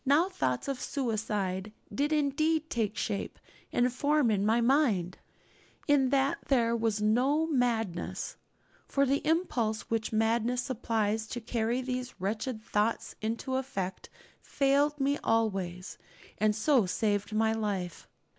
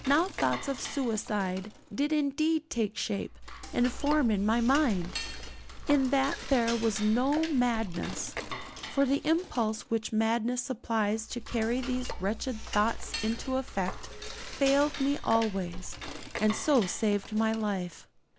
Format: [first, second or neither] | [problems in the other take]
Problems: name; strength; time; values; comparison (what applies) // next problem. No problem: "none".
first | background sound (Cutlery, silverware / Dishes, pots, and pans); 10 dB below the speech